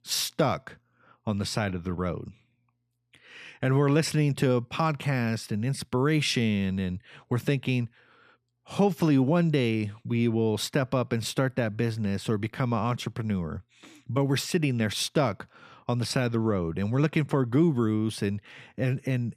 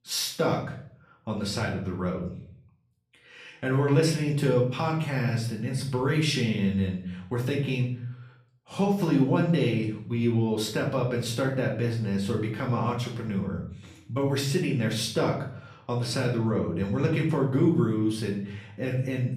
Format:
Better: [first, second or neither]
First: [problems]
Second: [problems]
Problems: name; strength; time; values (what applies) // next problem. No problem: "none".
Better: first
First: none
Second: room echo; slight; dies away in 0.5 s // off-mic speech; far